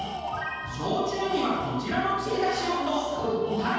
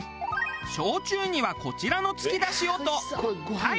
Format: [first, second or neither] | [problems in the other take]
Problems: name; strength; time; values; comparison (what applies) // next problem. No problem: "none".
second | background sound (Tools); 11 dB below the speech // room echo; dies away in 1.2 s